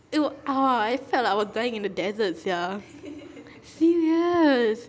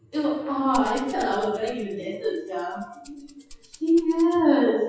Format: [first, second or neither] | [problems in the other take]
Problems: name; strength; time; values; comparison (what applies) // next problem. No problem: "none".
first | noise reduction (classical method WPE with log-MMSE)